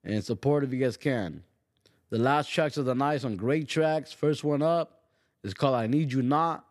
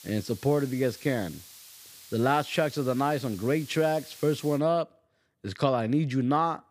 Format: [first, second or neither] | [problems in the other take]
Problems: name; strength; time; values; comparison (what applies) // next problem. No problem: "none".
first | hiss; noticeable; until 4.5 s; 20 dB below the speech